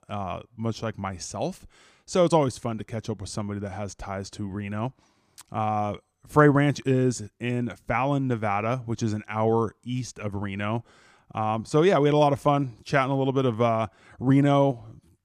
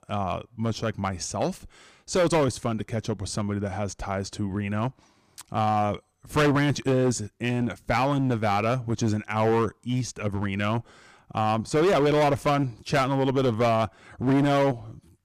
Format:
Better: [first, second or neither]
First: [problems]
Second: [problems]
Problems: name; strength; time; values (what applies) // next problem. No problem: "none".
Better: first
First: none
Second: distortion; heavy; 10% of the sound clipped